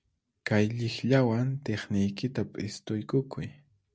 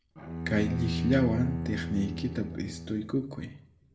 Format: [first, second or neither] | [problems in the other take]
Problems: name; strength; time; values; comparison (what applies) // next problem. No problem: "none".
first | background sound (Bowed string instrument); 4 dB below the speech // room echo; dies away in 0.6 s